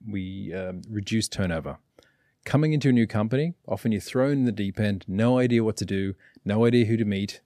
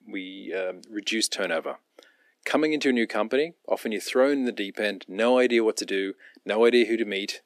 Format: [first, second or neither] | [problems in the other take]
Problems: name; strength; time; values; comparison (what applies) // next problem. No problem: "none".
first | thin; somewhat; fading below 300 Hz